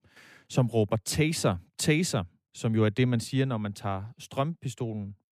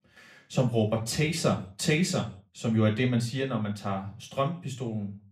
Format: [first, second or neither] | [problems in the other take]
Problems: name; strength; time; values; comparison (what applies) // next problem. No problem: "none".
first | room echo; slight; dies away in 0.3 s // off-mic speech; somewhat distant